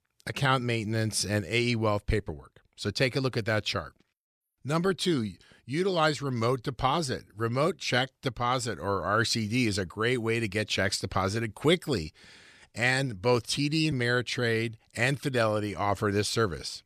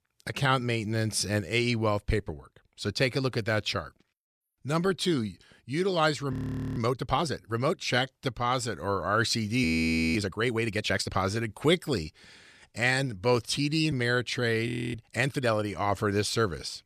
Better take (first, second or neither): first